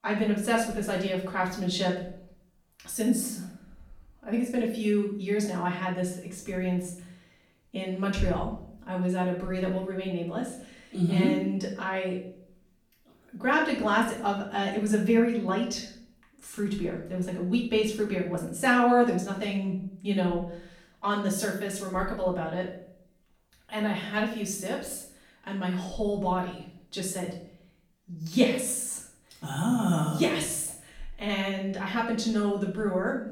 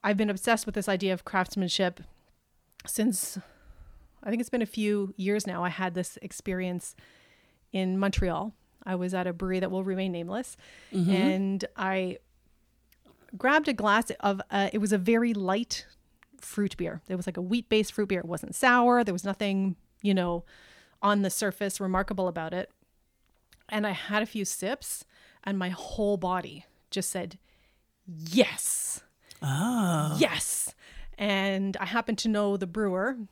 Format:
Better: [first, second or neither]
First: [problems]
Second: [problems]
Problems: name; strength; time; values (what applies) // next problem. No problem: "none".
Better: second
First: off-mic speech; far // room echo; noticeable; dies away in 0.6 s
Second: none